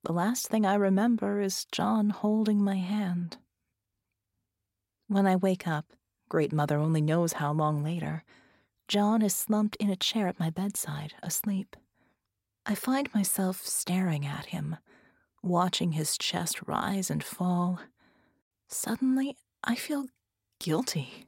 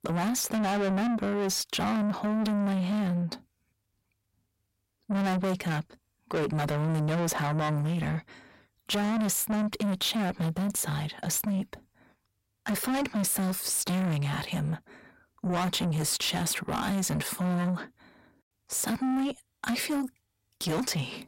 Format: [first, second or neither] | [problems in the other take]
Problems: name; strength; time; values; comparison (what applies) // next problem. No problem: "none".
first | distortion; heavy; 7 dB below the speech